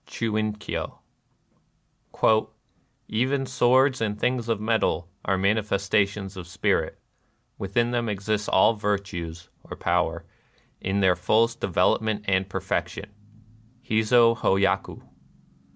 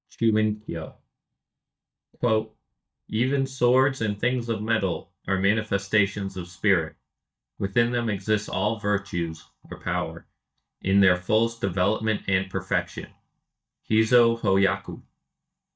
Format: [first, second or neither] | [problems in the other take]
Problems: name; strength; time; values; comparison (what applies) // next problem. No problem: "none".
first | noise reduction (neural mask model DeepFilterNet 3)